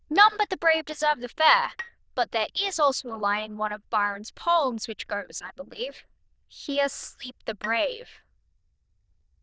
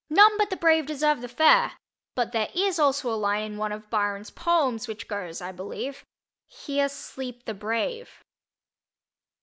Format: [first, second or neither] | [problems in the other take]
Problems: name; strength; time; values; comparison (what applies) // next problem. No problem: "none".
second | noise reduction (neural diffusion model UNIVERSE++)